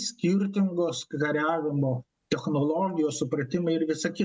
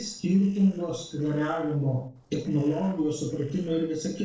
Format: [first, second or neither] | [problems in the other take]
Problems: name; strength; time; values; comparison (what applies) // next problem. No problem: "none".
first | noise reduction (neural separator model SepFormer DNS4)